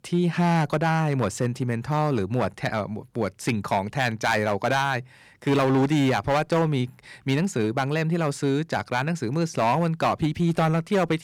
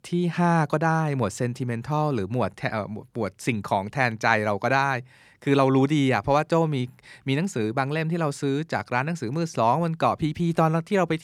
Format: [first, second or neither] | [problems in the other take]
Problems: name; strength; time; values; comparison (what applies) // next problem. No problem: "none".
second | distortion; slight; 7% of the sound clipped